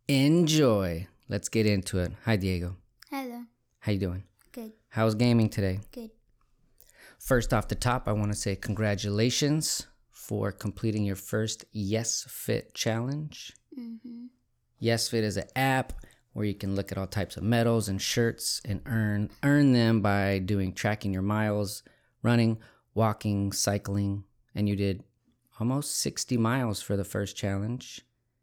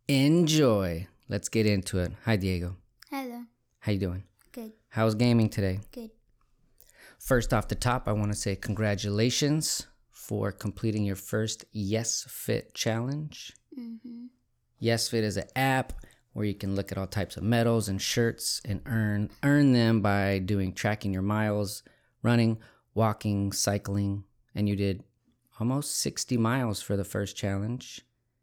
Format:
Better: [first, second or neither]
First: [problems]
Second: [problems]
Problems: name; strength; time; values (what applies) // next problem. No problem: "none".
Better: neither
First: none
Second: none